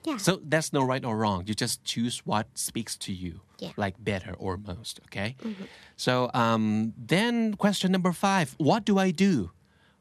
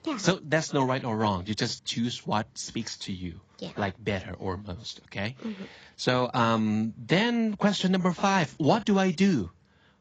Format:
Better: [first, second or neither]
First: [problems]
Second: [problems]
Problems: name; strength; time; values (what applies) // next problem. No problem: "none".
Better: first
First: none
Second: garbled, watery; badly; nothing above 7.5 kHz